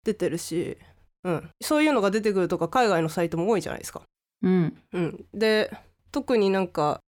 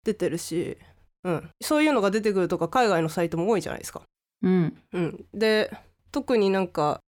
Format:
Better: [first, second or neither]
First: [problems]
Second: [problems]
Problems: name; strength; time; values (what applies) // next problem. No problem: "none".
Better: neither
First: none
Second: none